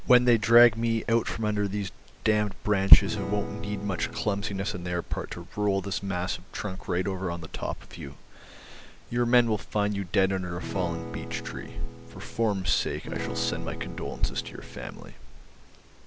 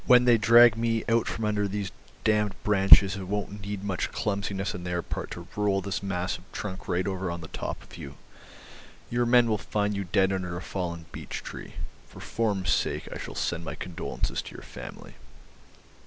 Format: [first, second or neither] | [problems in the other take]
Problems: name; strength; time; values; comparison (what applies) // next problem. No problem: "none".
second | background sound (Acoustic guitar / Strum); 12 dB below the speech